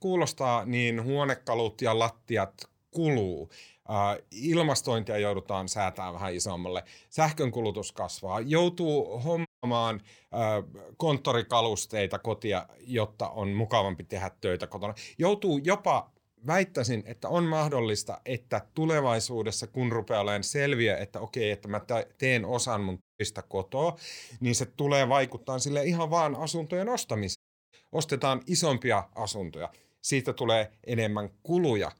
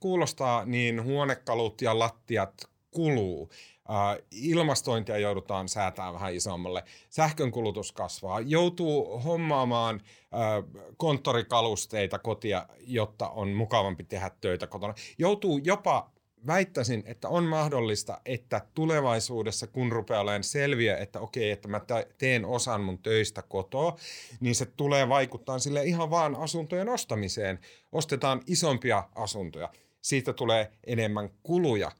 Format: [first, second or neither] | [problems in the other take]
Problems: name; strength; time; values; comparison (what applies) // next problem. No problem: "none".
second | audio cutting out; at 9.5 s, at 23 s and at 27 s